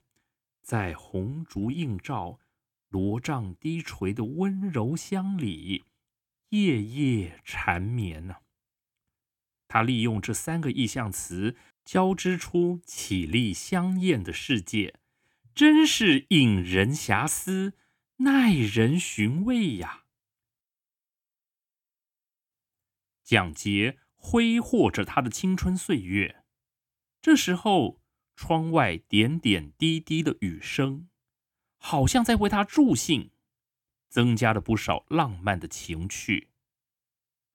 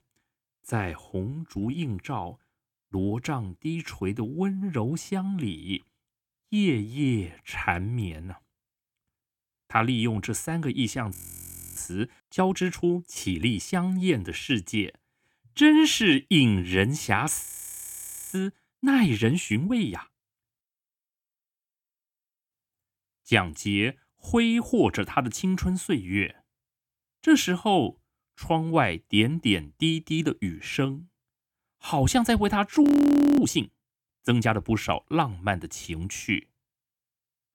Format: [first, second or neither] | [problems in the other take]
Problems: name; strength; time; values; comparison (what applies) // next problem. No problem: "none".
first | audio freezing; at 11 s for 0.5 s, at 17 s for 1 s and at 33 s for 0.5 s